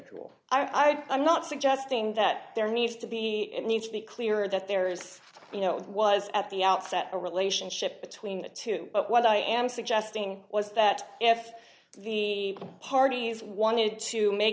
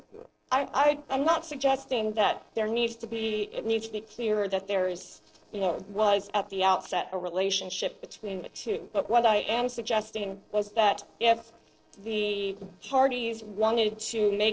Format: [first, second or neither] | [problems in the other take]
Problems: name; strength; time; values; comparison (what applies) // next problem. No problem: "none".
first | noise reduction (neural separator model SepFormer DNS4)